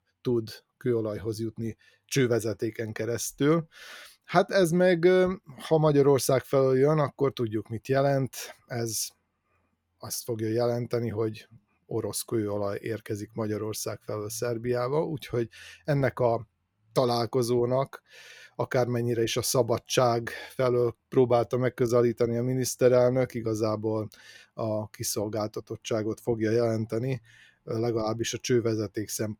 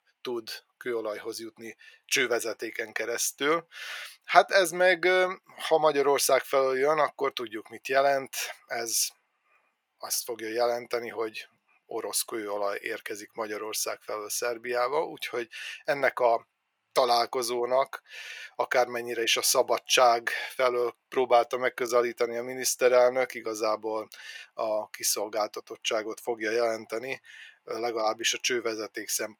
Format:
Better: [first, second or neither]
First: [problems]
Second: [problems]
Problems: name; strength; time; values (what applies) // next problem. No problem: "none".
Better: first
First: none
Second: thin; very; fading below 650 Hz